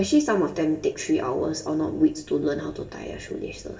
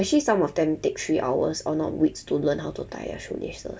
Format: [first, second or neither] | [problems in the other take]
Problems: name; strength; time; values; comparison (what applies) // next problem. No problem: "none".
second | room echo; dies away in 2.9 s